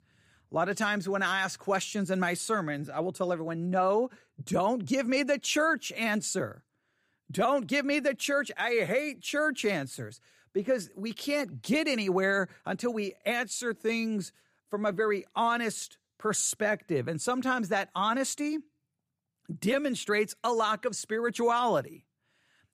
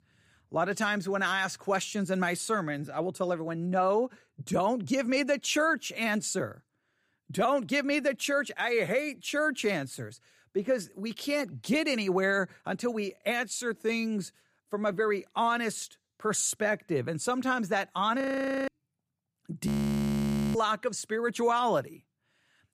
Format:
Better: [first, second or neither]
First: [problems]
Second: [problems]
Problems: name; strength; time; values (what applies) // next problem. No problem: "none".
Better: first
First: none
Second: audio freezing; at 18 s and at 20 s for 1 s